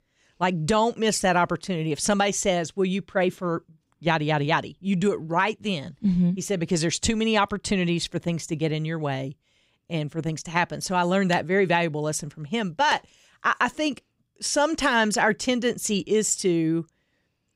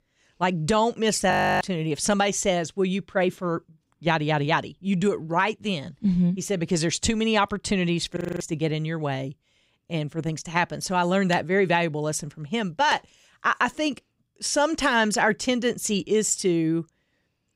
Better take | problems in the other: first | audio freezing; at 1.5 s and at 8 s

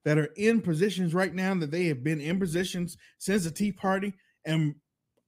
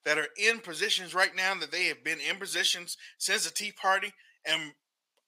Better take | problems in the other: first | thin; very; fading below 850 Hz

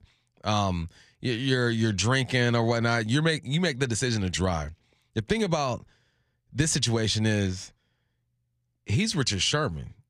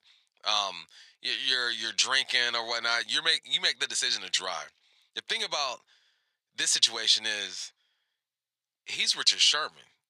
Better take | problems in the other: first | thin; very; fading below 950 Hz

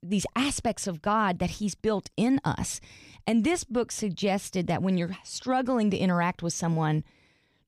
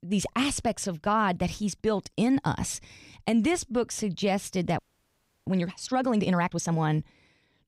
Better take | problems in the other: first | audio freezing; at 5 s for 0.5 s

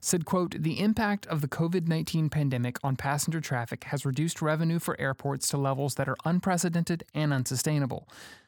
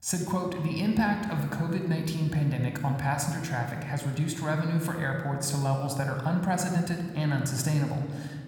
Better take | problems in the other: first | room echo; noticeable; dies away in 1.5 s

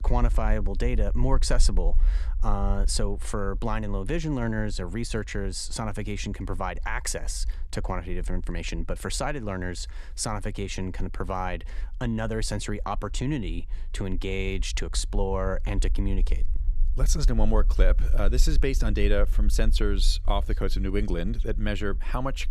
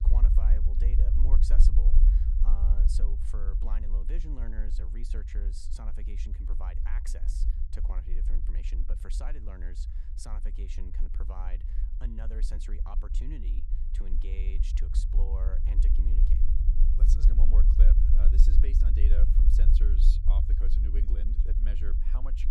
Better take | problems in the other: first | low rumble; loud; throughout; 1 dB below the speech; faint in the first

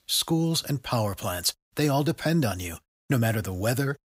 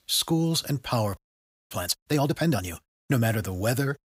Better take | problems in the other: first | audio freezing; at 1 s for 0.5 s

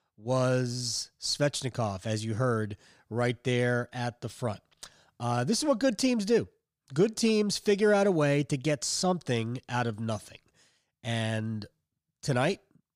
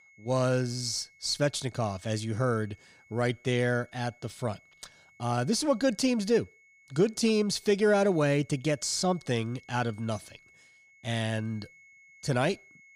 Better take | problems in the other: first | high-pitched whine; faint; throughout; 2 kHz, 30 dB below the speech

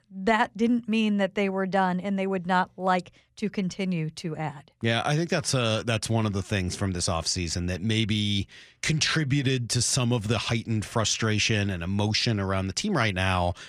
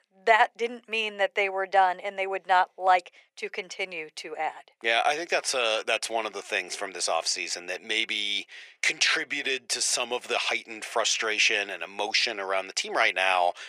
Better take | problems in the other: first | thin; very; fading below 450 Hz

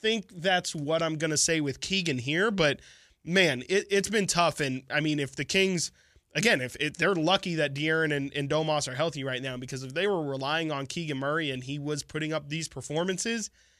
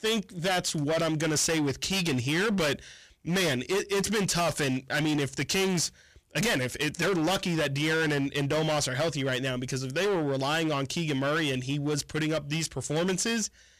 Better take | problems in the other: first | distortion; heavy; 23% of the sound clipped

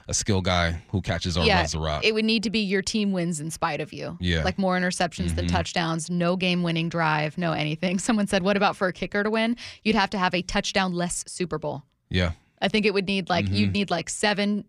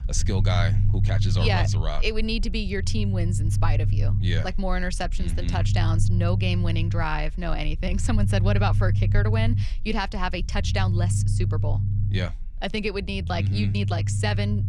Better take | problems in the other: first | low rumble; loud; throughout; 9 dB below the speech

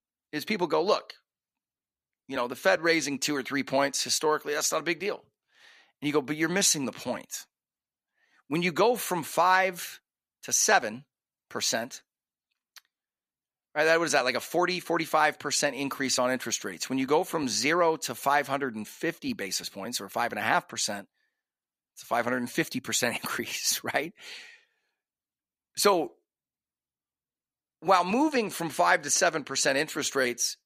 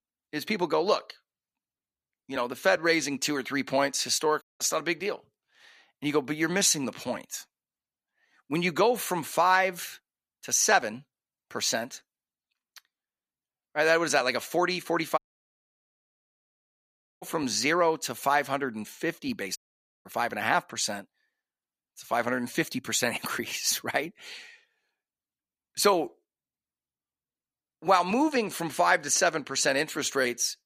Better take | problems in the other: first | audio cutting out; at 4.5 s, at 15 s for 2 s and at 20 s

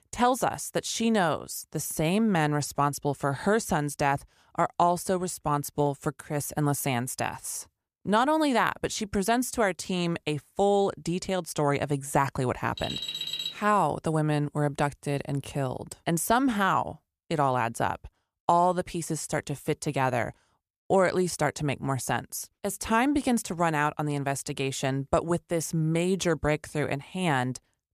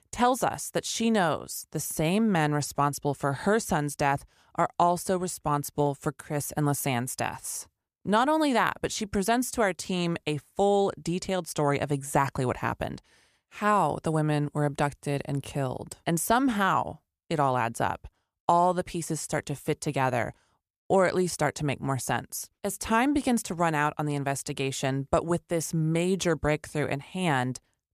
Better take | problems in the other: second | alarm; noticeable; at 13 s; peak 3 dB below the speech

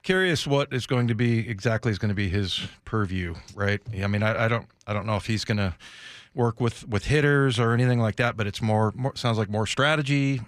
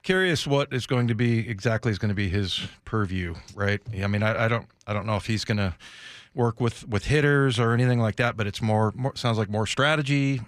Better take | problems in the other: neither | none

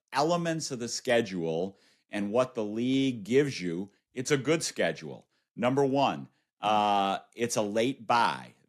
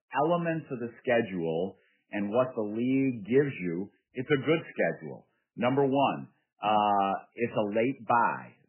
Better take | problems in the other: first | garbled, watery; badly; nothing above 3 kHz

